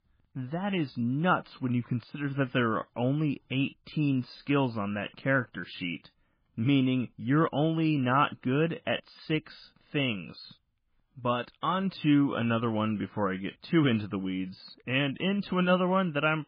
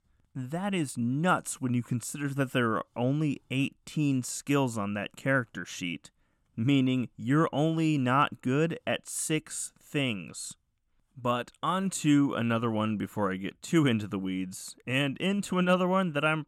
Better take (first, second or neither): second